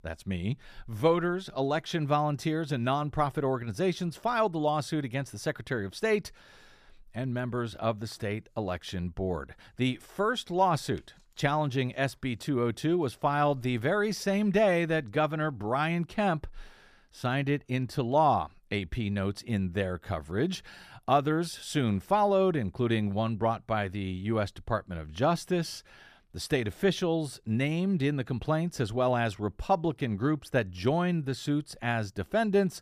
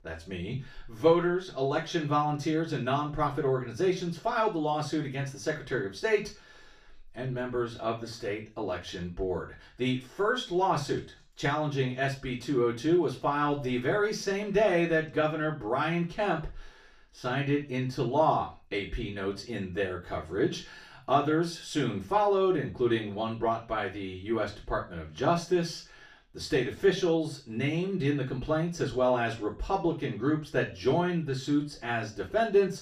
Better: first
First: none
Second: room echo; slight; dies away in 0.3 s // off-mic speech; far

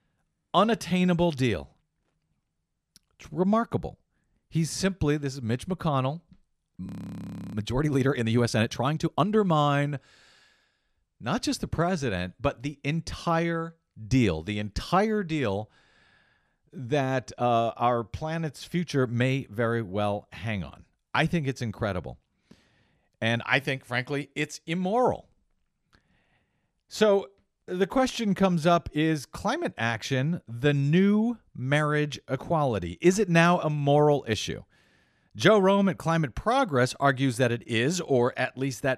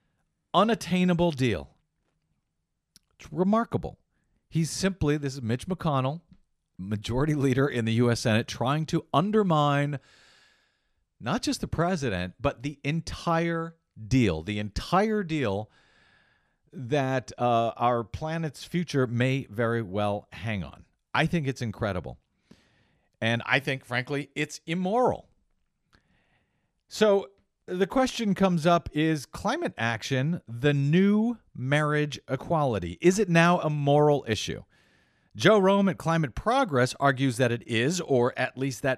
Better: second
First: audio freezing; at 7 s for 0.5 s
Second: none

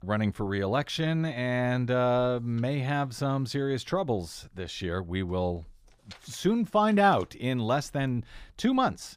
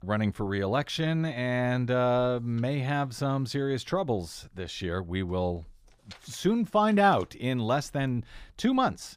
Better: neither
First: none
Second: none

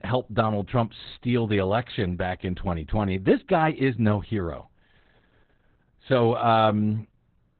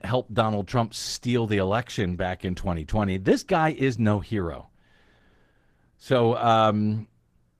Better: second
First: garbled, watery; badly; nothing above 4 kHz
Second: garbled, watery; slightly; nothing above 15 kHz

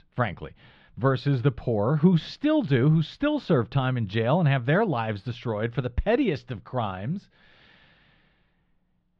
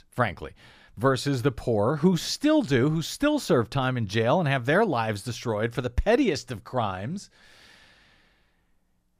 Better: second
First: muffled; slightly; fading above 3.5 kHz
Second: none

